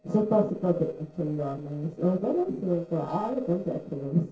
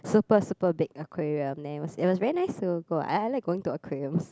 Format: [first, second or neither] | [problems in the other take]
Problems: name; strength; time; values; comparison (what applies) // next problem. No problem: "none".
second | noise reduction (neural separator model SepFormer DNS4)